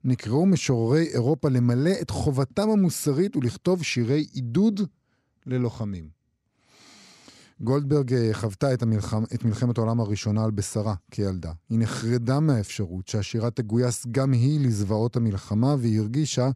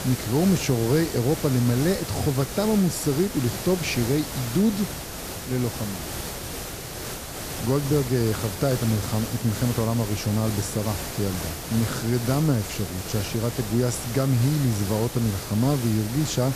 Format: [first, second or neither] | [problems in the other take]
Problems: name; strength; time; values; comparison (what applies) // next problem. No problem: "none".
first | hiss; loud; throughout; 7 dB below the speech